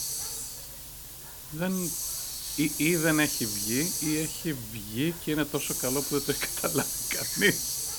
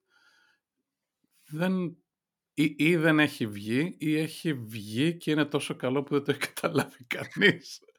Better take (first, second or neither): second